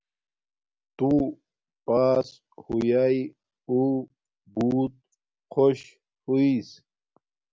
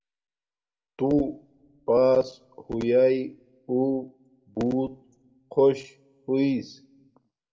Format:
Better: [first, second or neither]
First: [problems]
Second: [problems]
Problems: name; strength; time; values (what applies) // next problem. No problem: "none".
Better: first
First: none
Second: room echo; dies away in 0.4 s